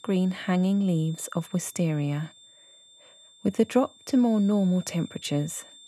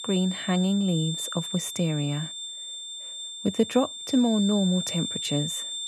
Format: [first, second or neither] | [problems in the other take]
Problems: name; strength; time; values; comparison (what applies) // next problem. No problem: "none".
first | high-pitched whine; loud; throughout; 3.5 kHz, 6 dB below the speech; faint in the first